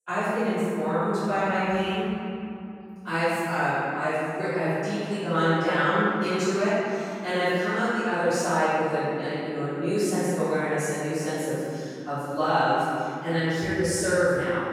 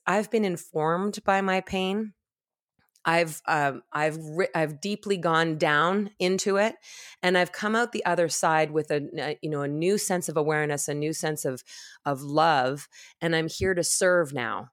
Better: second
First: room echo; strong; dies away in 2.7 s // off-mic speech; far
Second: none

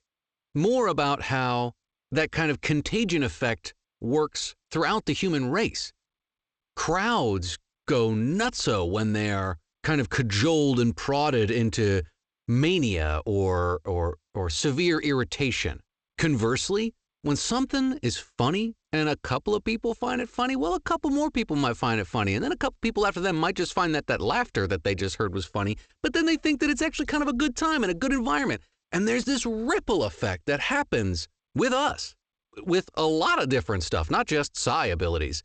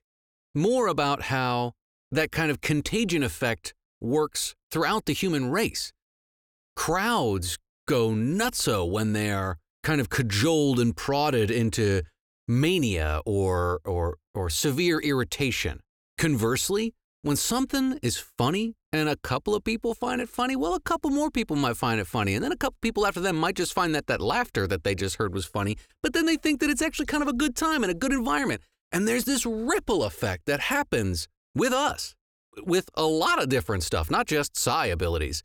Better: second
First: garbled, watery; slightly; nothing above 8 kHz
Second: none

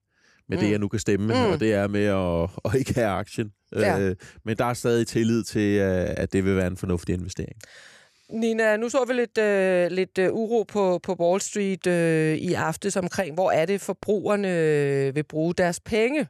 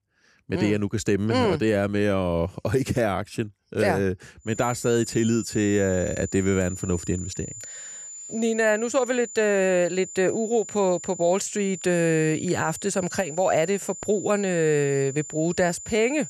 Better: first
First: none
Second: high-pitched whine; noticeable; from 4.5 s on; 7 kHz, 10 dB below the speech

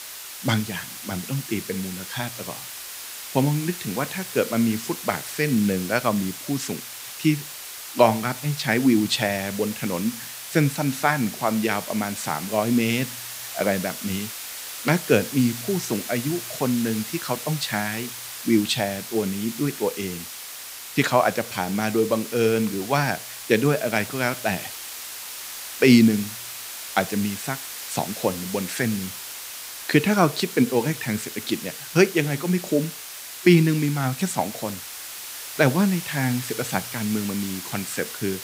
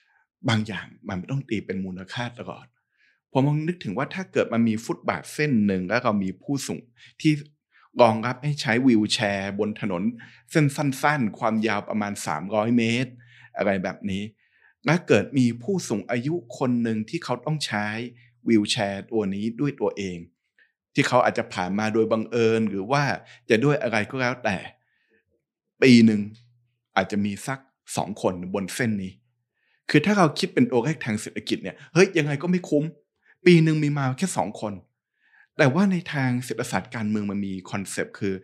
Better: second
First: hiss; loud; throughout; 9 dB below the speech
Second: none

